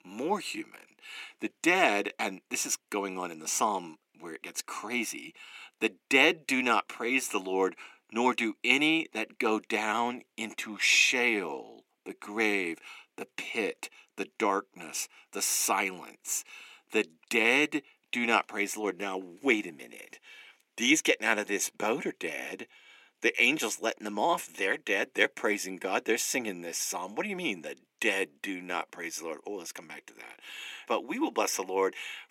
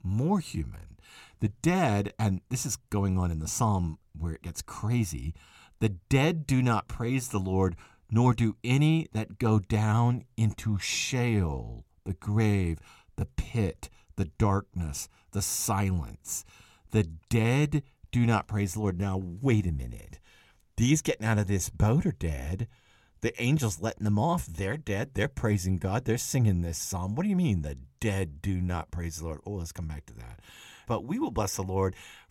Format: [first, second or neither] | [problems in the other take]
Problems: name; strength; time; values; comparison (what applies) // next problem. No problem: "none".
second | thin; very; fading below 300 Hz